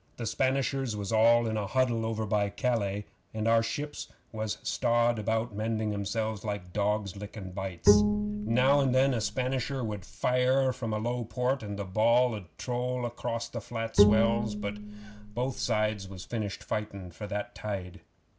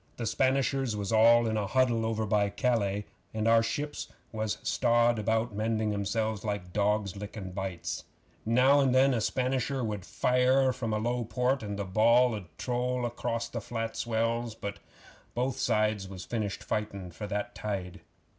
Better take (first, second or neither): second